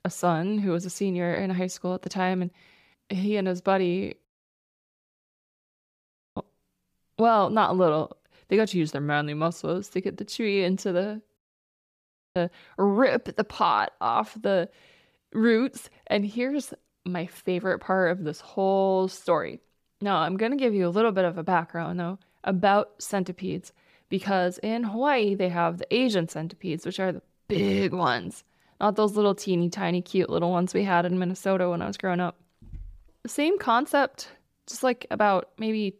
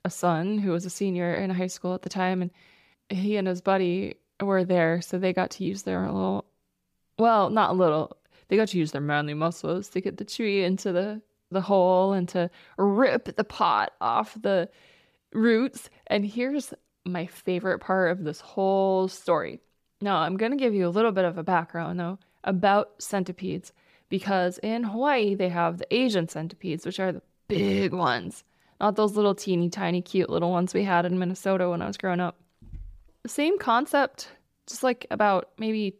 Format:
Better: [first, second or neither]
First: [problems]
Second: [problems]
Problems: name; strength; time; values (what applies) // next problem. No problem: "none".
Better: second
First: audio cutting out; at 4.5 s for 2 s and at 11 s for 1 s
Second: none